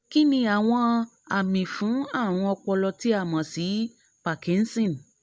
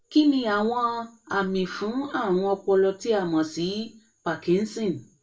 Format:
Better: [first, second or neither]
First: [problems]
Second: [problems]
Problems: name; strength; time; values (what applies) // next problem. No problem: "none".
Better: first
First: none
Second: room echo; dies away in 0.2 s